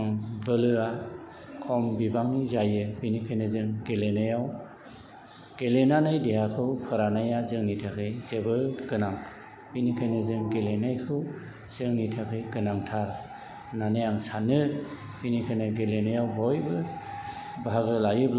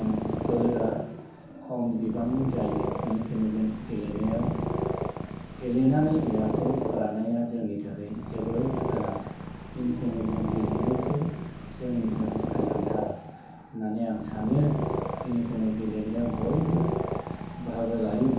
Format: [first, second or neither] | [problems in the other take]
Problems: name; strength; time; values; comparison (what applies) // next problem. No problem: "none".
first | background sound (Purr); 3 dB below the speech // room echo; dies away in 0.6 s